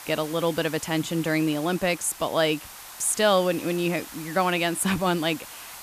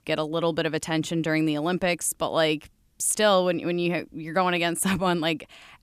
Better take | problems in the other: second | hiss; noticeable; throughout; 15 dB below the speech

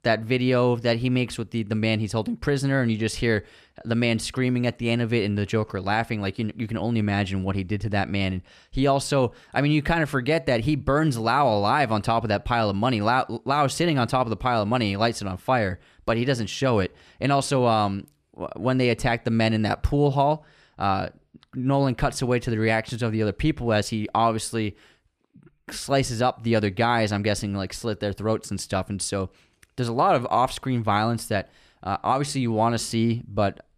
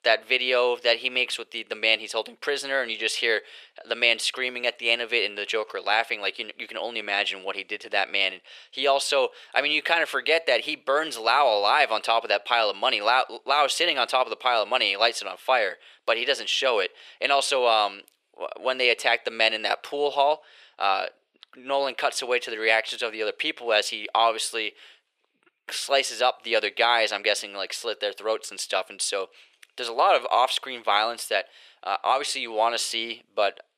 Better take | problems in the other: first | thin; very; fading below 500 Hz

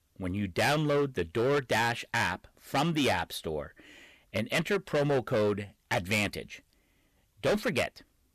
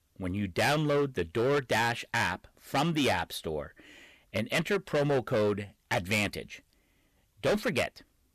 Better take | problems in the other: neither | distortion; heavy; 11% of the sound clipped; the same in both

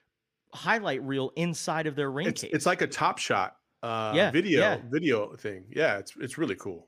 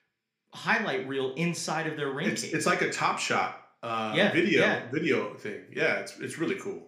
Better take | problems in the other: first | room echo; very slight; dies away in 0.4 s

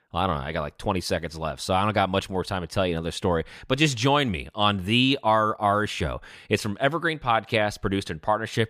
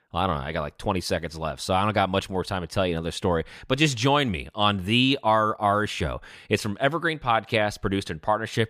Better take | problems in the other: neither | none

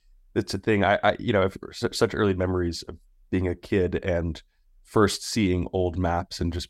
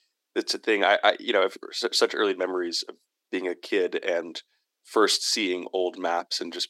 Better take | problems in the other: first | thin; somewhat; fading below 300 Hz

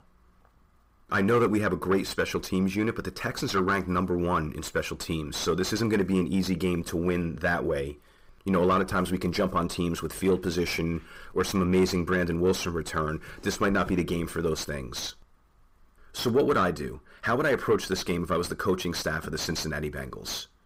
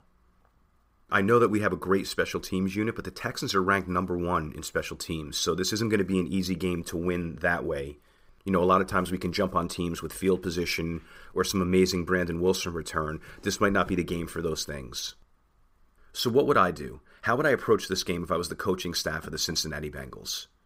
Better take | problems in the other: second | distortion; slight; 9 dB below the speech

